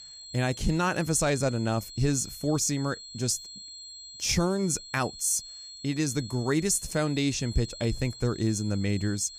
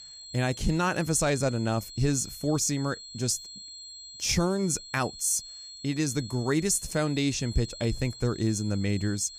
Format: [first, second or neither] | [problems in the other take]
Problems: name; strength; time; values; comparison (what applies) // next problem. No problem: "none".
neither | high-pitched whine; noticeable; throughout; 4 kHz, 15 dB below the speech; the same in both